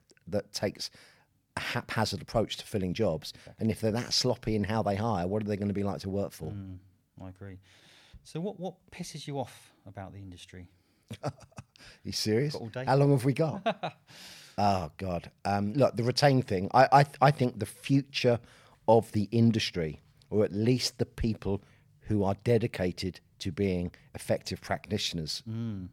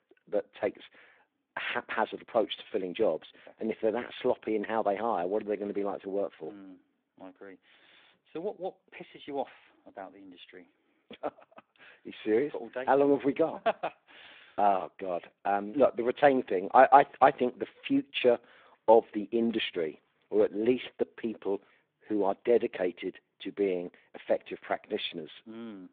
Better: first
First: none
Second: phone-call audio; nothing above 3.5 kHz

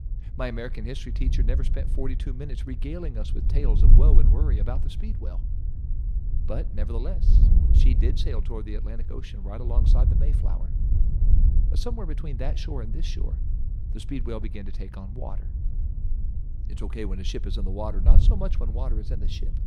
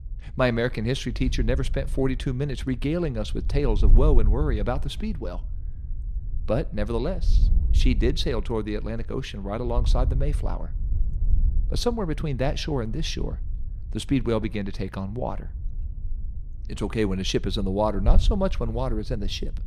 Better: second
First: wind noise on the microphone; heavy; 7 dB below the speech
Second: wind noise on the microphone; occasional gusts; 20 dB below the speech

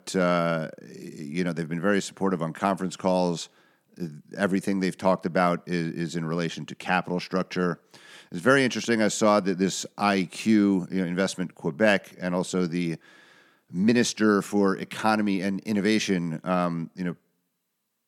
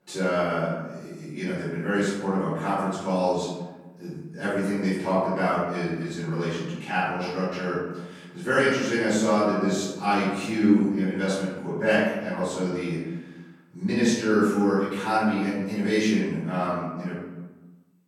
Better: first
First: none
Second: off-mic speech; far // room echo; strong; dies away in 1 s

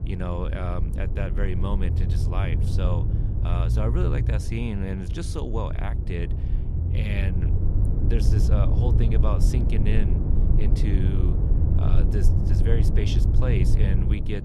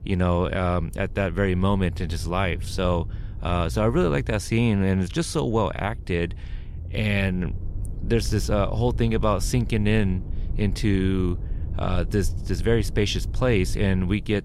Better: second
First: low rumble; loud; throughout; 3 dB below the speech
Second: low rumble; faint; throughout; 20 dB below the speech

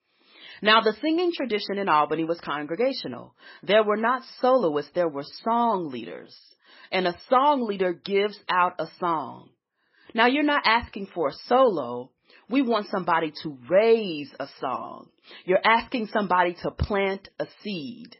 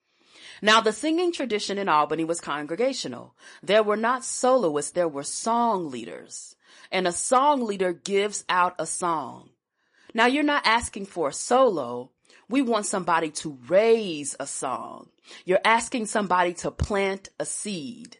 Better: second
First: garbled, watery; badly; nothing above 5.5 kHz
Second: garbled, watery; slightly; nothing above 10.5 kHz

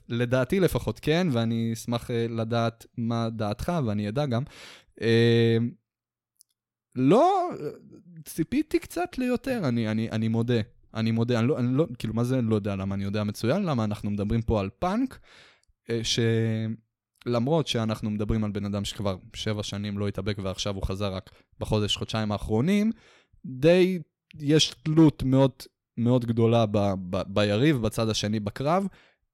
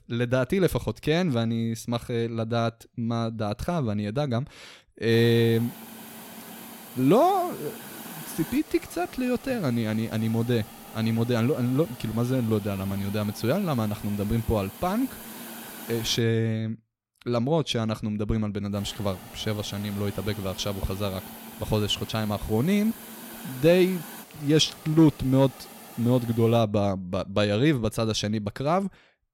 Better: first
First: none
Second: hiss; noticeable; from 5 to 16 s and from 19 to 27 s; 15 dB below the speech

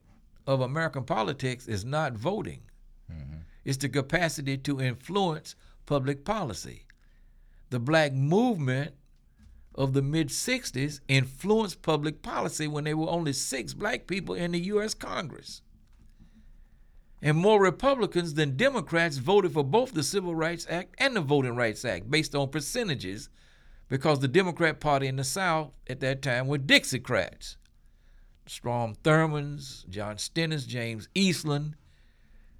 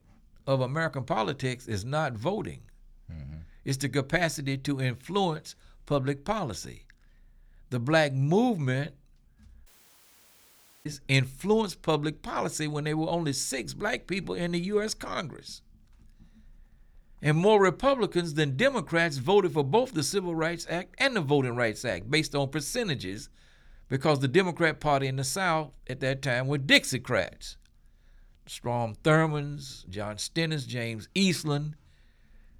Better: first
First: none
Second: audio cutting out; at 9.5 s for 1 s

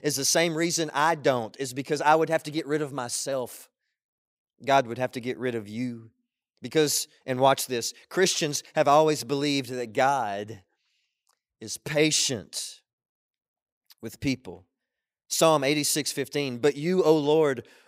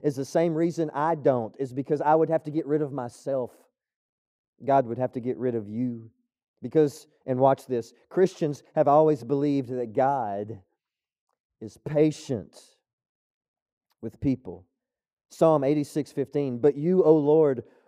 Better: first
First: none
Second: muffled; very; fading above 1.5 kHz

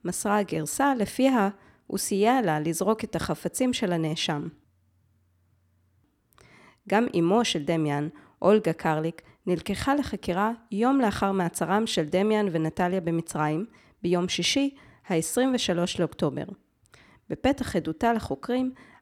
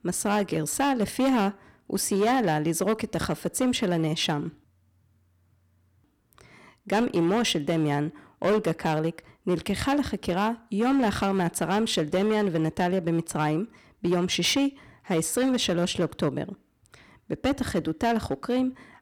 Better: first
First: none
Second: distortion; slight; 8% of the sound clipped

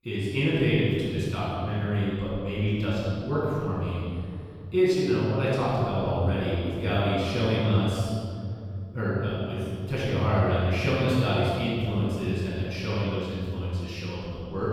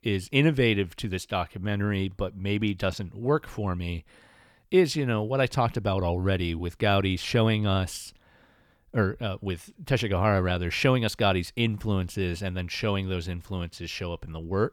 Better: second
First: room echo; strong; dies away in 2.7 s // off-mic speech; far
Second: none

